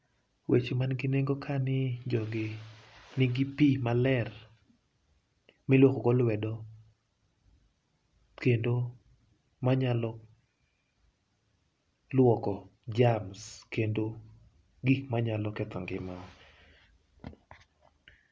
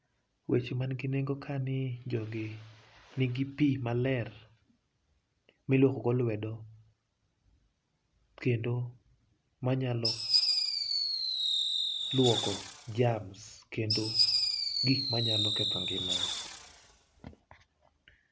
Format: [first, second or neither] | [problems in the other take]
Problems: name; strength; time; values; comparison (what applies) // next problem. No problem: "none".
first | background sound (Fireworks); 2 dB above the speech